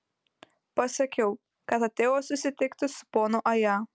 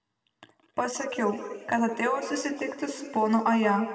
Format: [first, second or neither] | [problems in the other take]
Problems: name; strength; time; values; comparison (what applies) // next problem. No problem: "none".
first | room echo; dies away in 2 s